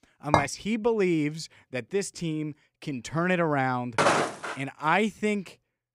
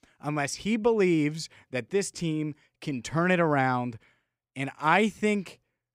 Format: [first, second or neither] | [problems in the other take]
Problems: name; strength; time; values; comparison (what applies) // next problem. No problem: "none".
second | clattering dishes; loud; at 0.5 s; peak 2 dB above the speech // footsteps; loud; at 4 s; peak 5 dB above the speech